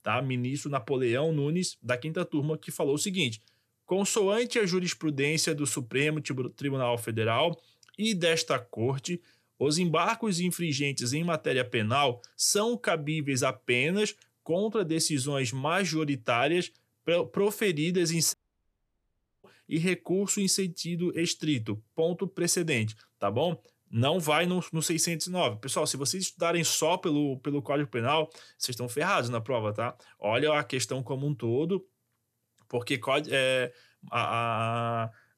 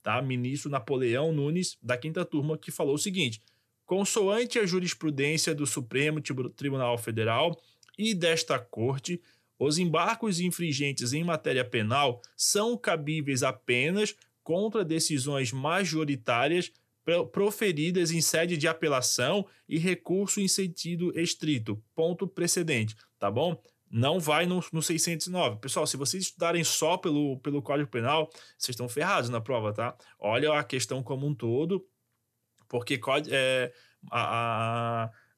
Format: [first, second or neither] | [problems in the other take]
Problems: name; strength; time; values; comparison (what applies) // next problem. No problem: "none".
second | audio cutting out; at 18 s for 1 s